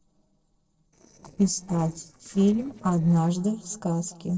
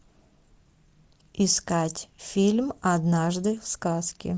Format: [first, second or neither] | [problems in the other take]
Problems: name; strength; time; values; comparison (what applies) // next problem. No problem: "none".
second | noise reduction (neural separator model SepFormer DNS4)